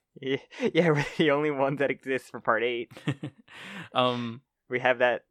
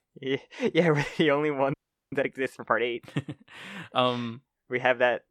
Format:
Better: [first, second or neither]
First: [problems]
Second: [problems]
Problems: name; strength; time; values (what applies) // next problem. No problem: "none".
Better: first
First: none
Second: audio freezing; at 1.5 s